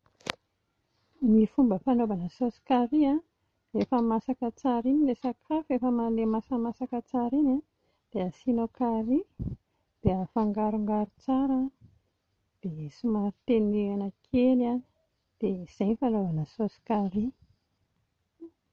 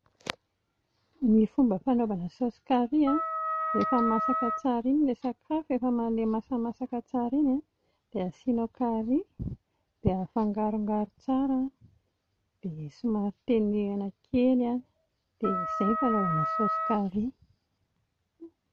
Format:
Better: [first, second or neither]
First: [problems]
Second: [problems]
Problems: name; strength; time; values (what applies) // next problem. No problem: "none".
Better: first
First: none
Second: background sound (Wind instrument, woodwind instrument); 1 dB below the speech